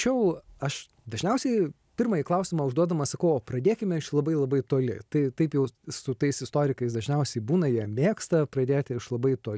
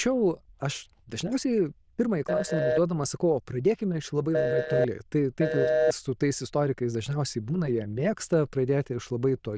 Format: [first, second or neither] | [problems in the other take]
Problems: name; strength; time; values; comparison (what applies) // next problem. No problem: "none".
first | noise reduction (neural diffusion model UNIVERSE++)